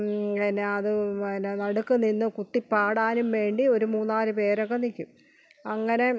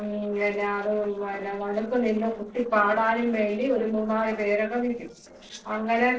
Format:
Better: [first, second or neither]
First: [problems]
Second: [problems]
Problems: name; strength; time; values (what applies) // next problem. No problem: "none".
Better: first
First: none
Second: noise reduction (neural separator model SepFormer DNS4)